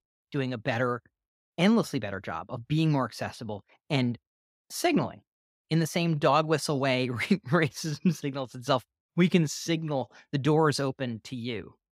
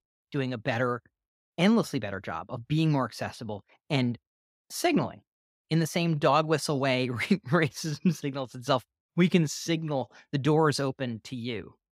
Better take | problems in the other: neither | none

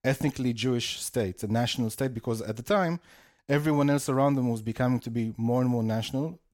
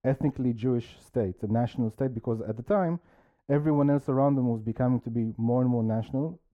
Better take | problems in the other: first | muffled; very; fading above 2 kHz

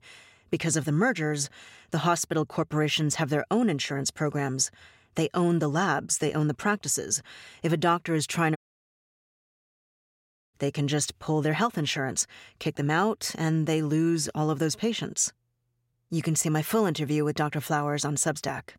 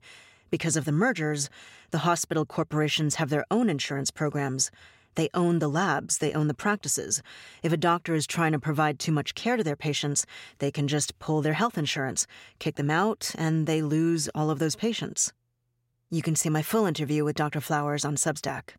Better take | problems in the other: second | audio cutting out; at 8.5 s for 2 s

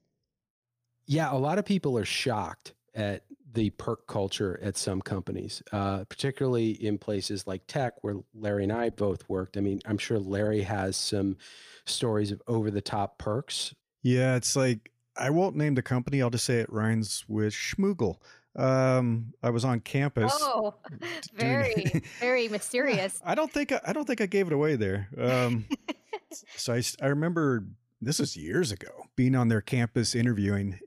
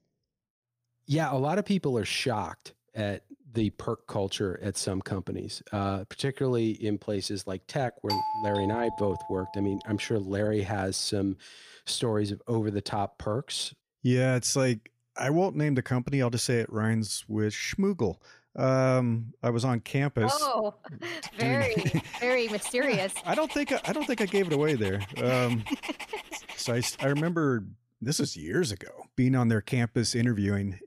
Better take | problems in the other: first | doorbell; noticeable; from 8 to 9.5 s; peak 1 dB below the speech // dog barking; noticeable; from 21 to 27 s; peak 9 dB below the speech

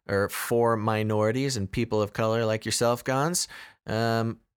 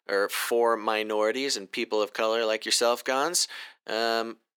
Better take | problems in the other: first | thin; somewhat; fading below 300 Hz

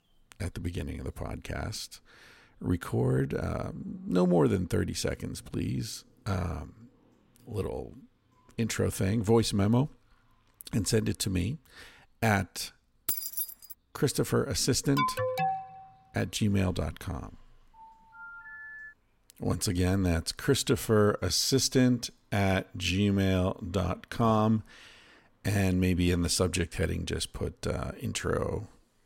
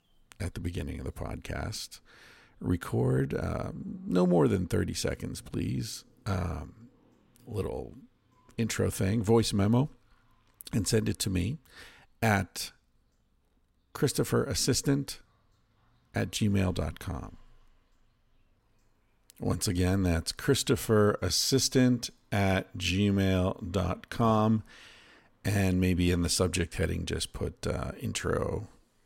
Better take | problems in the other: second | jangling keys; loud; at 13 s; peak level with the speech // alarm; noticeable; at 15 s; peak level with the speech // phone ringing; faint; from 18 to 19 s; peak 15 dB below the speech

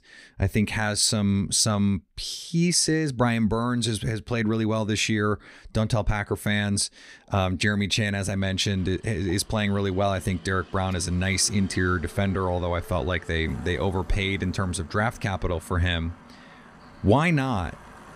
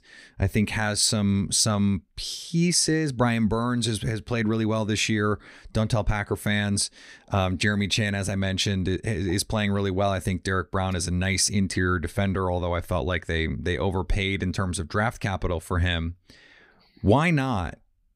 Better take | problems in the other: second | traffic noise; faint; from 8.5 s on; 20 dB below the speech

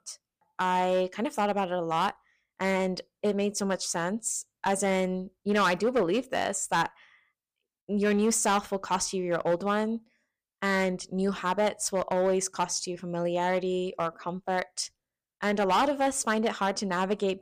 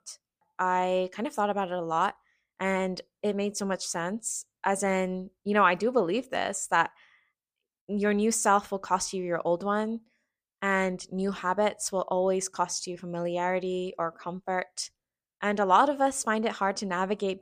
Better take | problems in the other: second | distortion; slight; 5% of the sound clipped

